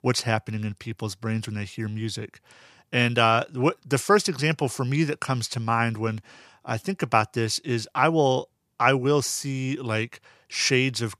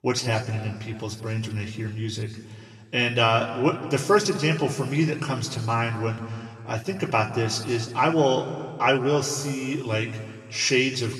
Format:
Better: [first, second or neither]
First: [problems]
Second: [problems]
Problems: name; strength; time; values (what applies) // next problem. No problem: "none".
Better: first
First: none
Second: room echo; noticeable; dies away in 1.9 s // off-mic speech; somewhat distant